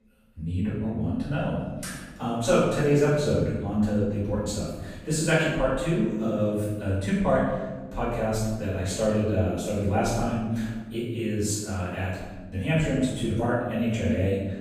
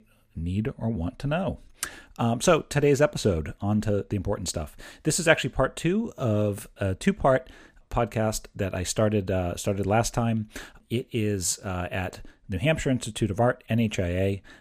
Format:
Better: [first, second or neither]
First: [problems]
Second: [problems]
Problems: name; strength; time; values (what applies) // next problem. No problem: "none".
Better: second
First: room echo; strong; dies away in 1.2 s // off-mic speech; far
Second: none